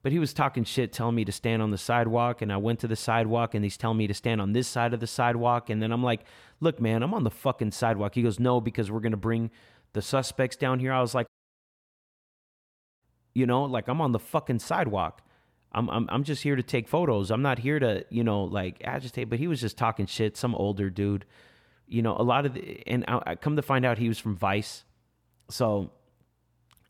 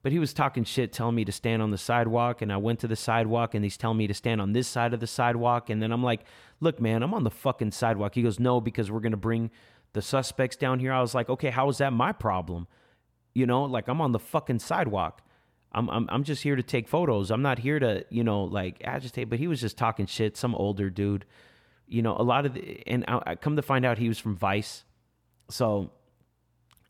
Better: second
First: audio cutting out; at 11 s for 1.5 s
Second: none

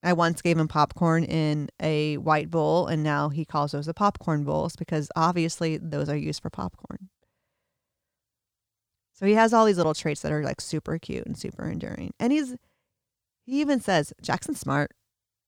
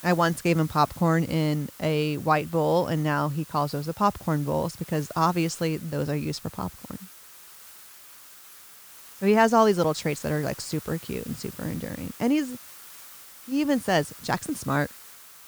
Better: first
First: none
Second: hiss; noticeable; throughout; 15 dB below the speech

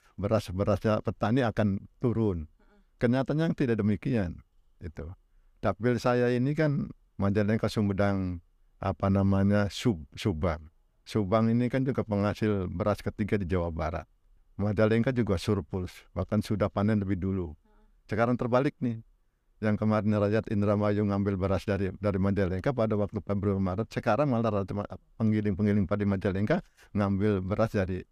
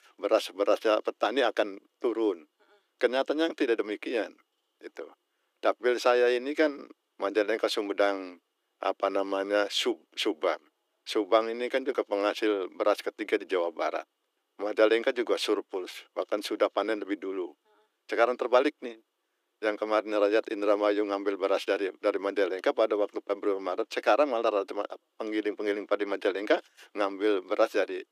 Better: first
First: none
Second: thin; very; fading below 300 Hz

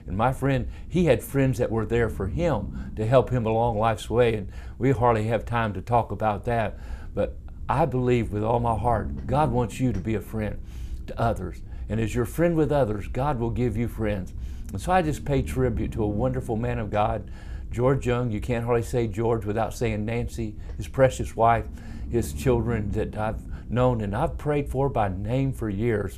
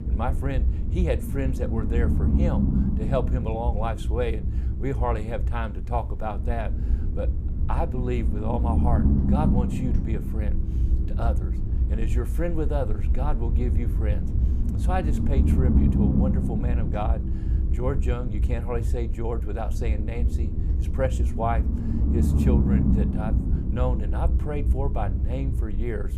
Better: first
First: low rumble; faint; throughout; 25 dB below the speech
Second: low rumble; loud; throughout; 4 dB below the speech

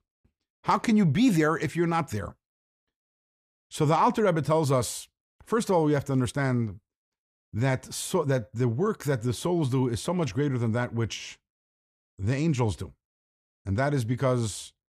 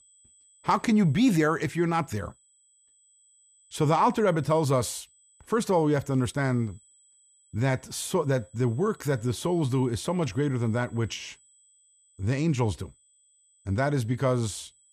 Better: first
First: none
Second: high-pitched whine; faint; throughout; 8 kHz, 30 dB below the speech

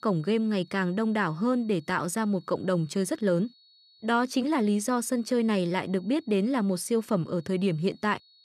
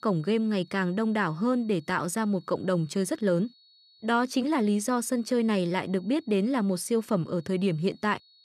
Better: neither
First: high-pitched whine; faint; throughout; 4.5 kHz, 30 dB below the speech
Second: high-pitched whine; faint; throughout; 4.5 kHz, 30 dB below the speech

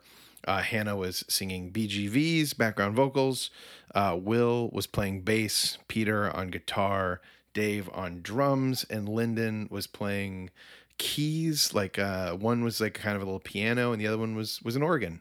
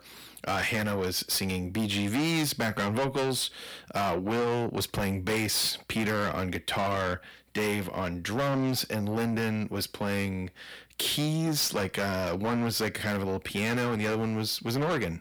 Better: first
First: none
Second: distortion; heavy; 6 dB below the speech

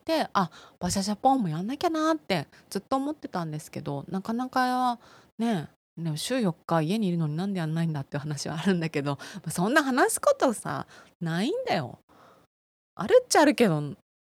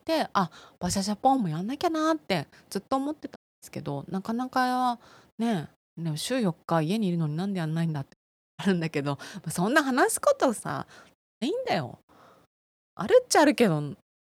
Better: first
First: none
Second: audio cutting out; at 3.5 s, at 8 s and at 11 s

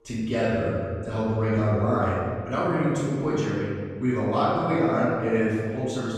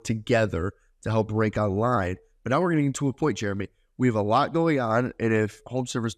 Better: second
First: room echo; strong; dies away in 1.8 s // off-mic speech; far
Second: none

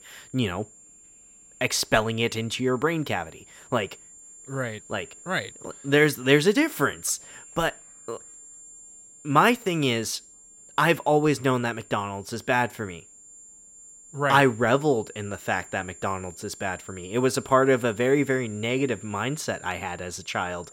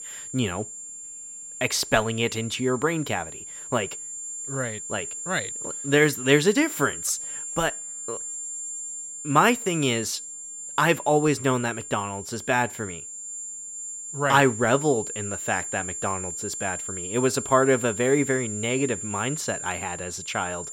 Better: first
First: high-pitched whine; faint; throughout; 7.5 kHz, 20 dB below the speech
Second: high-pitched whine; loud; throughout; 7.5 kHz, 8 dB below the speech

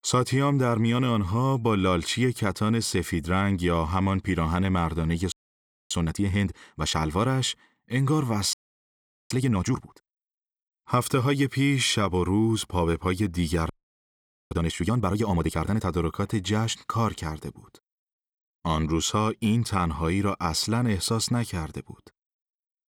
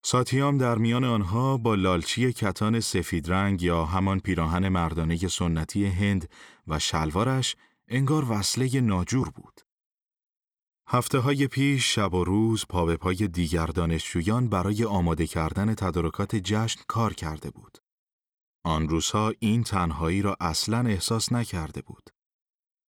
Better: second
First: audio freezing; at 5.5 s for 0.5 s, at 8.5 s for 1 s and at 14 s for 1 s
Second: none

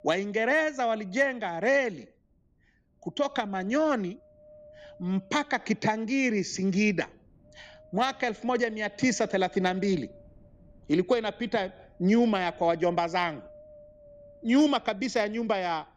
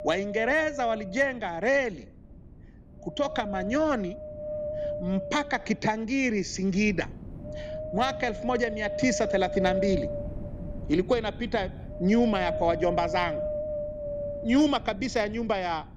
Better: first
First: wind noise on the microphone; occasional gusts; 25 dB below the speech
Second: wind noise on the microphone; heavy; 6 dB below the speech

